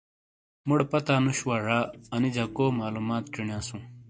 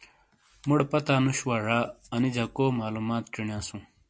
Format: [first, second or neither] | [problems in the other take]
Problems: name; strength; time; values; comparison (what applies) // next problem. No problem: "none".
second | noise reduction (neural mask model DeepFilterNet 3)